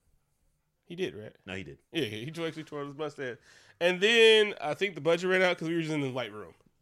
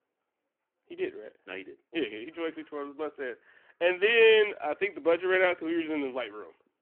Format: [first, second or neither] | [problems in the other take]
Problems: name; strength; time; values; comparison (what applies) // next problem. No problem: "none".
first | phone-call audio; nothing above 3 kHz